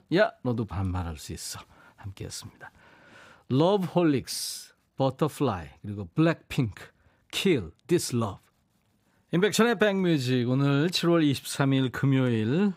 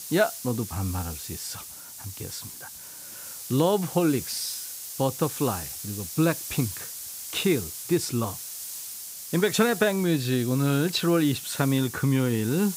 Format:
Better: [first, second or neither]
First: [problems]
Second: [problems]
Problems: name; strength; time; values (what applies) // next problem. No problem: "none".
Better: first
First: none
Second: hiss; loud; throughout; 9 dB below the speech